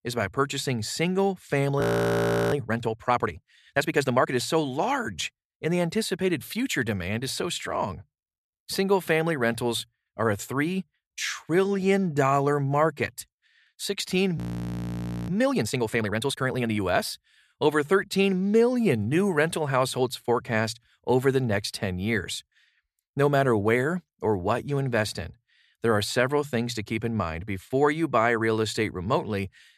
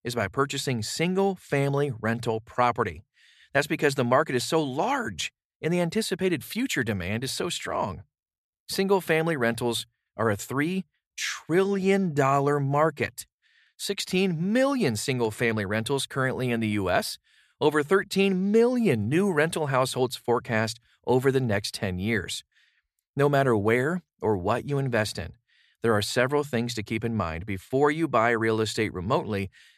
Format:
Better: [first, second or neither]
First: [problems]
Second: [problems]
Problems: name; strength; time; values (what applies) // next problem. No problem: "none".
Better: second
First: audio freezing; at 2 s for 0.5 s and at 14 s for 1 s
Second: none